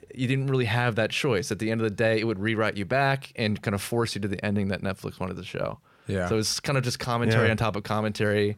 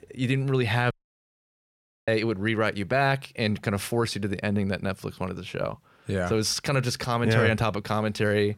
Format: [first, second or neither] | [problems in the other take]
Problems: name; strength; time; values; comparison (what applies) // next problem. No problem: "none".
first | audio cutting out; at 1 s for 1 s